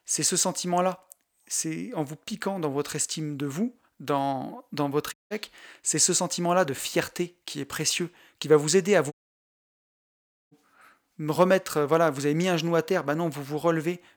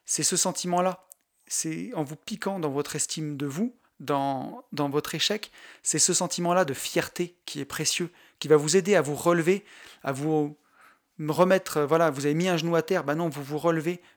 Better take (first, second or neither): second